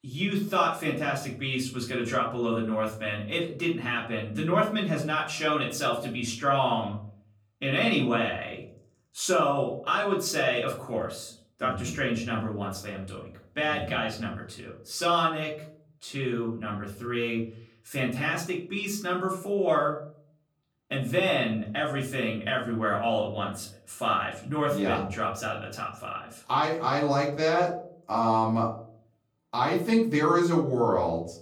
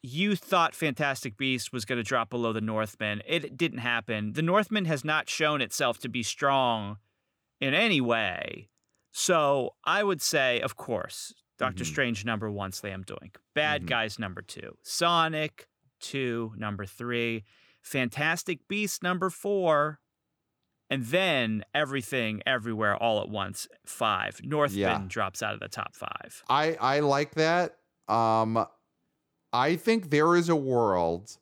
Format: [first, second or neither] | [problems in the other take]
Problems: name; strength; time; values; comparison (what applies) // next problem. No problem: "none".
second | off-mic speech; far // room echo; slight; dies away in 0.5 s